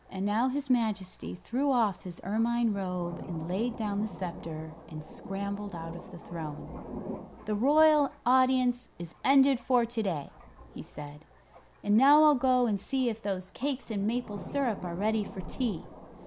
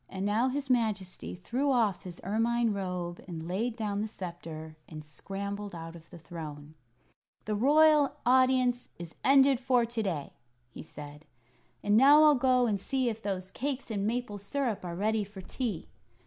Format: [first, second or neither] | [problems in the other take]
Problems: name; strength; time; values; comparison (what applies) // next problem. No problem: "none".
second | background sound (Thunder); 16 dB below the speech